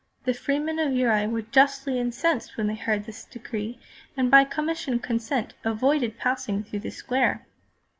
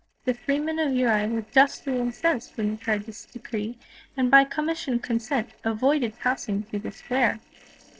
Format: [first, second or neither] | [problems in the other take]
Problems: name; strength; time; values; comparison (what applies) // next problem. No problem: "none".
first | noise reduction (neural separator model SepFormer DNS4)